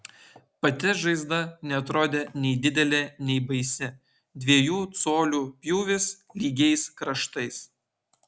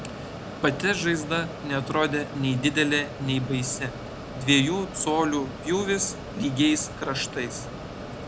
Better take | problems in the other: first | background sound (Mechanisms); 10 dB below the speech

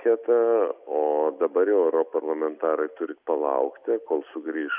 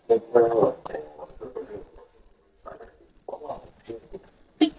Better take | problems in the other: first | noise reduction (neural mask model DeepFilterNet 3)

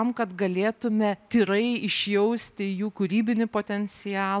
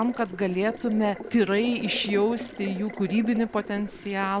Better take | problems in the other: first | background sound (Water tap, faucet); 12 dB below the speech

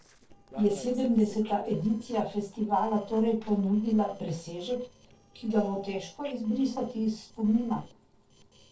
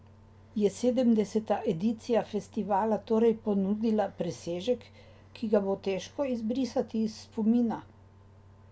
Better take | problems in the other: second | noise reduction (neural separator model SepFormer DNS4)

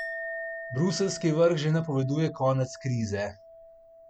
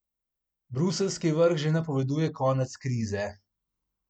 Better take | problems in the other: second | background sound (Chink, clink); 13 dB below the speech

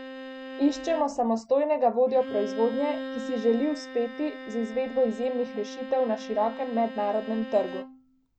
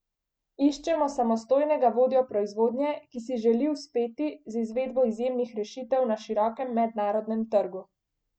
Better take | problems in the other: second | background sound (Bowed string instrument); 11 dB below the speech

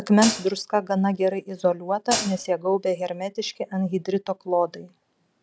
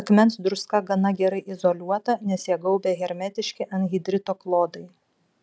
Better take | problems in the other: second | background sound (Hi-hat); 4 dB below the speech

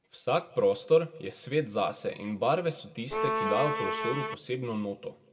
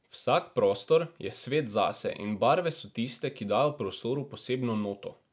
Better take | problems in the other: second | background sound (Bowed string instrument); as loud as the speech // room echo; dies away in 1.8 s

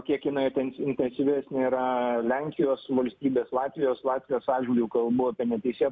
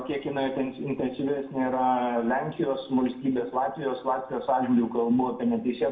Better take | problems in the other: first | room echo; dies away in 0.6 s

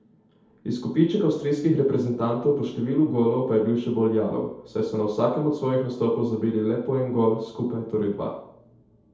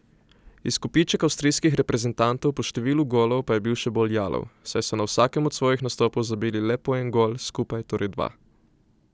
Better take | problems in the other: second | room echo; dies away in 0.8 s

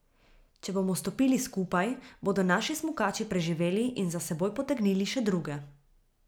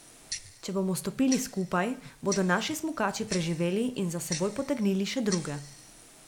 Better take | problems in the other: first | background sound (Tick-tock); 14 dB below the speech

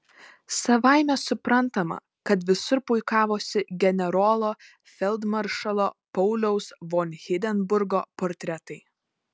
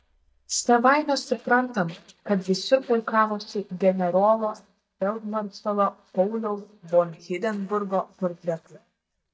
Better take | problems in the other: first | noise reduction (neural mask model DeepFilterNet 3)

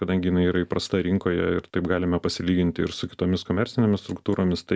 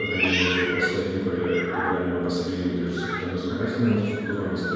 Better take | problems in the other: first | background sound (Meow); 5 dB below the speech // room echo; dies away in 1.9 s

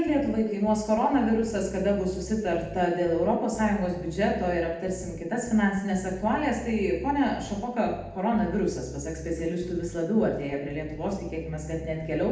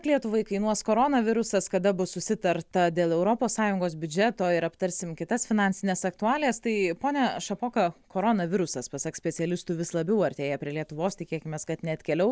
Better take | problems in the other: second | background sound (Bass guitar); 15 dB below the speech // room echo; dies away in 0.8 s

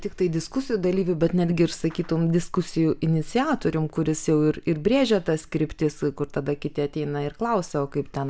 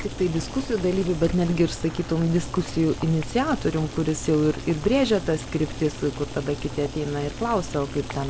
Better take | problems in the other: first | background sound (Boiling); 10 dB below the speech

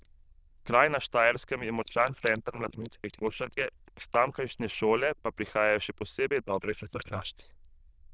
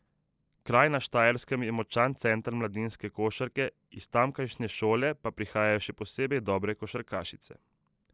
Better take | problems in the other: second | noise reduction (neural diffusion model UNIVERSE++)

